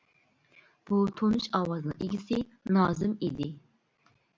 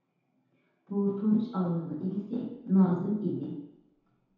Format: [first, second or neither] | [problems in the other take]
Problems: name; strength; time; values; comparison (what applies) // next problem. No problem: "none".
first | room echo; dies away in 0.8 s